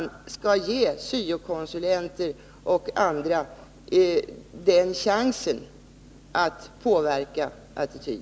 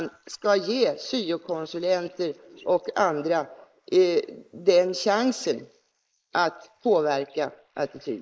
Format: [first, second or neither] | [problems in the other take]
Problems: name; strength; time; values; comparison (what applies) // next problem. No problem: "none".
first | noise reduction (neural mask model Resemble Enhance denoiser)